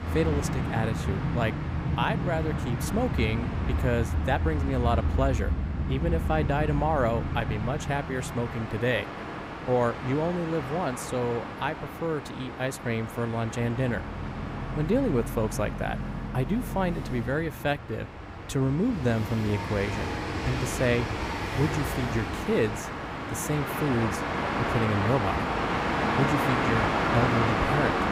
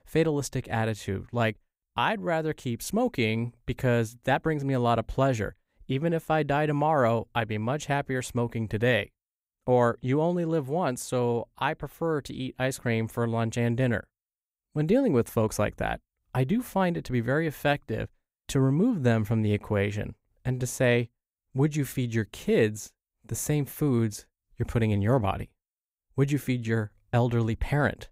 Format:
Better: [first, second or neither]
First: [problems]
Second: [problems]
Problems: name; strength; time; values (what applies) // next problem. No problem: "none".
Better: second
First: train or aircraft noise; loud; throughout; 1 dB below the speech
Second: none